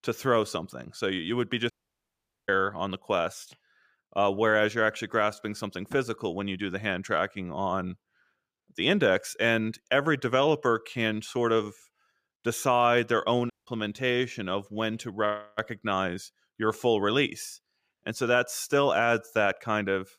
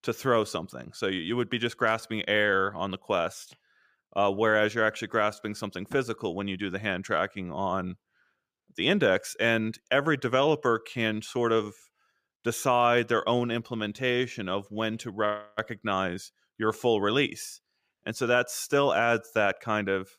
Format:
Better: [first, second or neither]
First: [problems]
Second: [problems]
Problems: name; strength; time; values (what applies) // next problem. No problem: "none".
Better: second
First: audio cutting out; at 1.5 s for 1 s and at 14 s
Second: none